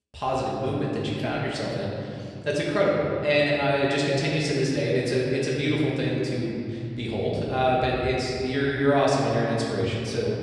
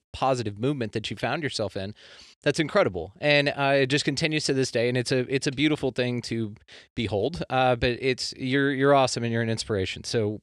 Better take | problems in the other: second | room echo; noticeable; dies away in 2.8 s // off-mic speech; far

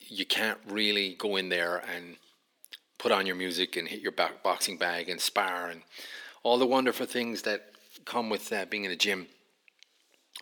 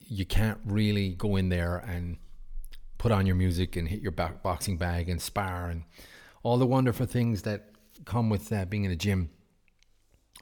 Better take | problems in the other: second | thin; somewhat; fading below 300 Hz

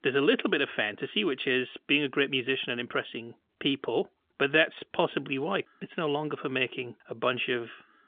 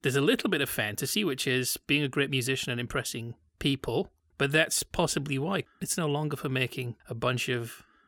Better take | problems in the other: second | phone-call audio; nothing above 3.5 kHz

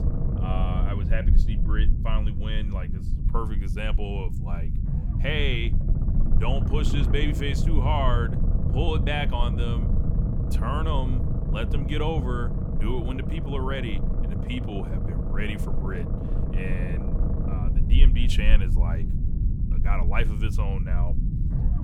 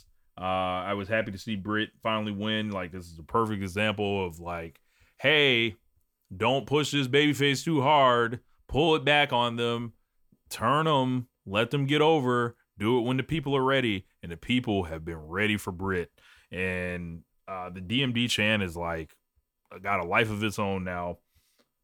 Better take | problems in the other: second | low rumble; loud; throughout; 6 dB below the speech

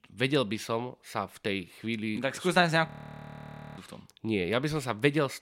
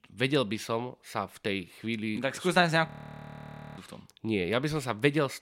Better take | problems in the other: neither | audio freezing; at 3 s for 1 s; the same in both

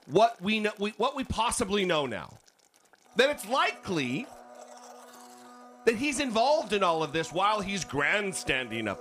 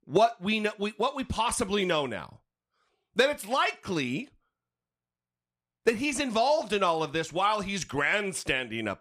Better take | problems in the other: second | household noises; faint; throughout; 25 dB below the speech

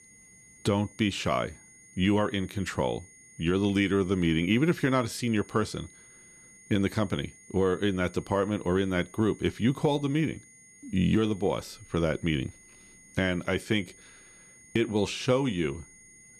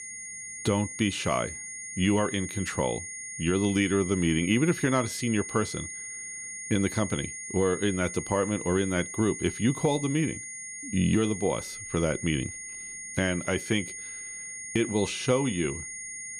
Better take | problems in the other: first | high-pitched whine; loud; throughout; 6.5 kHz, 8 dB below the speech; faint in the first

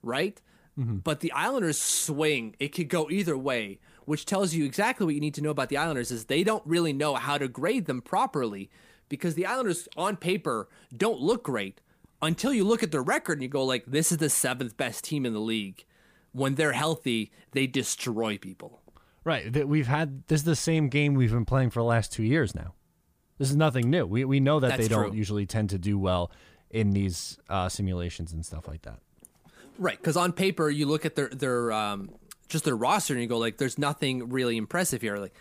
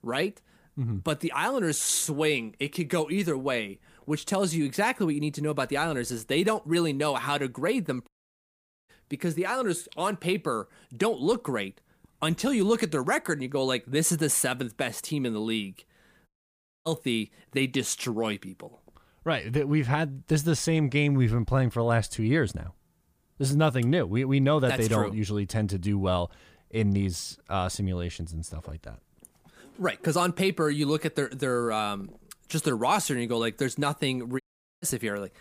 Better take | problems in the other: first | audio cutting out; at 8 s for 1 s, at 16 s for 0.5 s and at 34 s

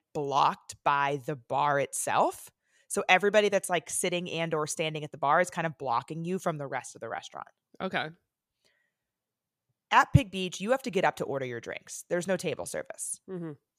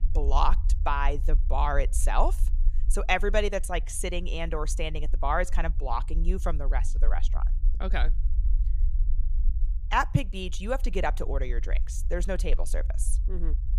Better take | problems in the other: first | low rumble; faint; throughout; 25 dB below the speech

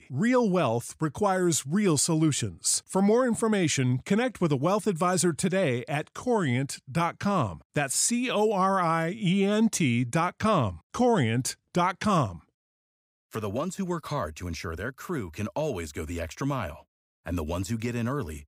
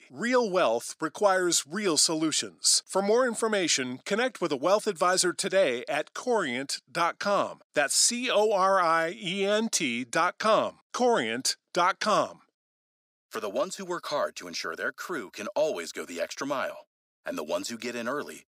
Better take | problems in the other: first | thin; somewhat; fading below 300 Hz

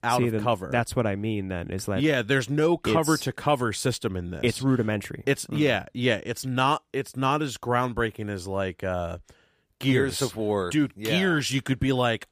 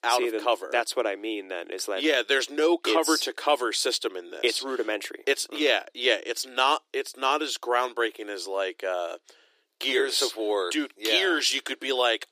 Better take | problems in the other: first | thin; very; fading below 350 Hz

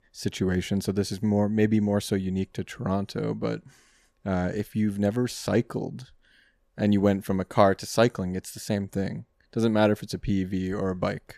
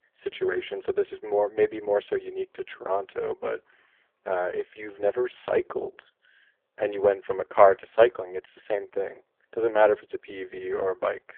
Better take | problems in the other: first | phone-call audio; poor line

